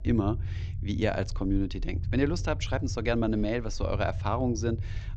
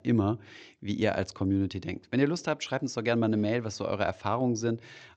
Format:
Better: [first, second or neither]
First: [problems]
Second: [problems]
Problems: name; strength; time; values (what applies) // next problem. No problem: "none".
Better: second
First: low rumble; noticeable; throughout; 20 dB below the speech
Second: none